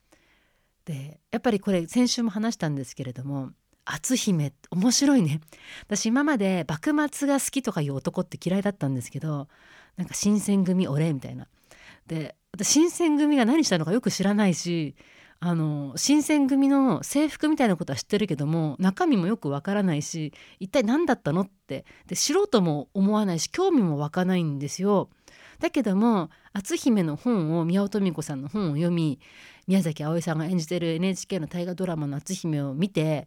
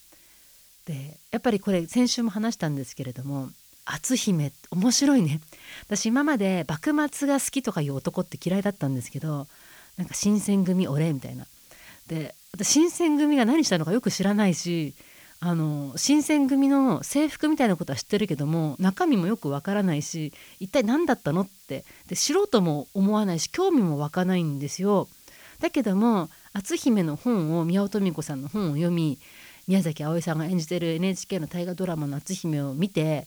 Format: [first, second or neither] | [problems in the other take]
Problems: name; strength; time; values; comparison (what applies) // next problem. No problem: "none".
first | hiss; faint; throughout; 25 dB below the speech